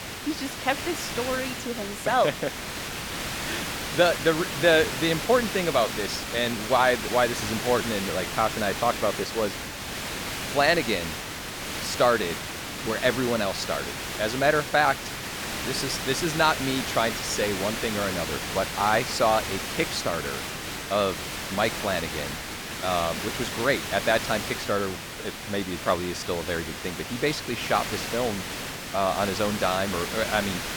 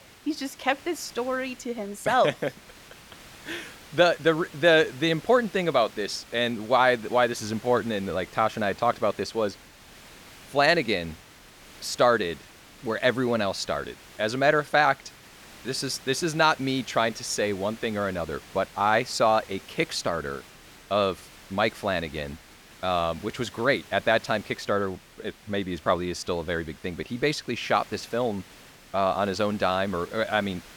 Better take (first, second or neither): second